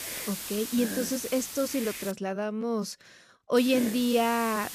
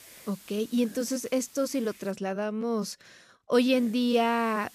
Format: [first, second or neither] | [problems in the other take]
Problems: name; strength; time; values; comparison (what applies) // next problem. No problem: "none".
second | hiss; loud; until 2 s and from 3.5 s on; 7 dB below the speech; faint in the second